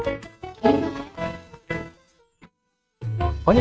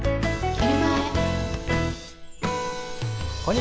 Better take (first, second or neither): second